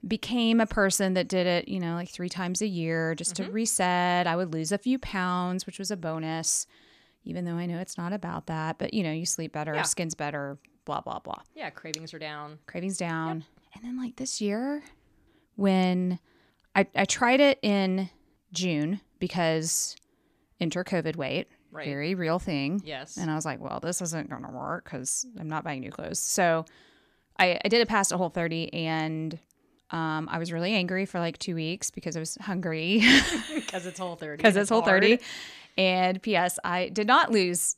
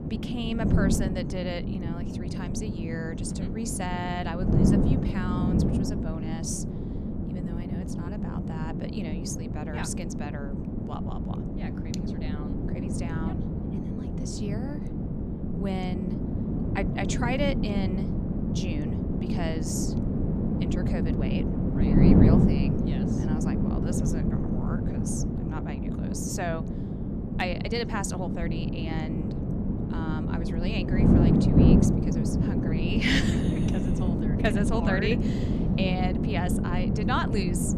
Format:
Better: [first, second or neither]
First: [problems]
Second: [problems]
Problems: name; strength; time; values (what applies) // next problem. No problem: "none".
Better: first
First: none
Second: wind noise on the microphone; heavy; 1 dB above the speech